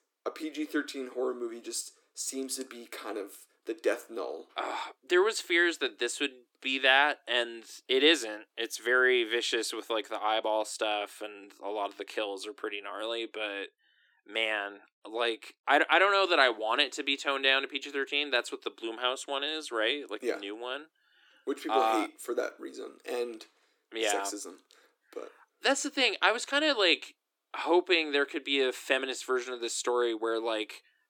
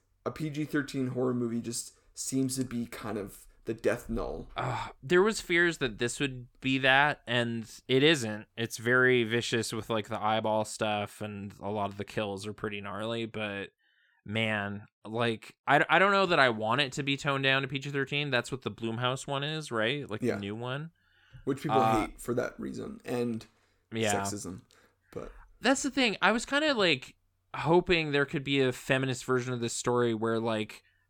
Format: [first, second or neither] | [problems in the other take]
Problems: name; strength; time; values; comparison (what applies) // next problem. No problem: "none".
second | thin; somewhat; fading below 300 Hz